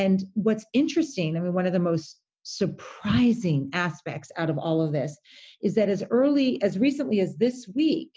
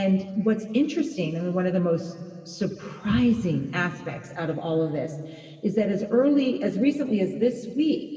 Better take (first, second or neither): first